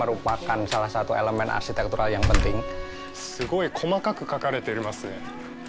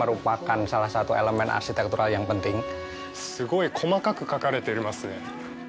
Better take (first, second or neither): second